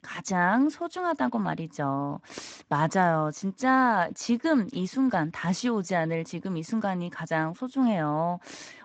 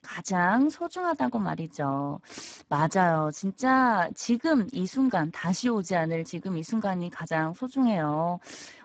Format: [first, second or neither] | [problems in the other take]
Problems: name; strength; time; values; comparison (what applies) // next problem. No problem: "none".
first | garbled, watery; badly; nothing above 7.5 kHz; slightly in the first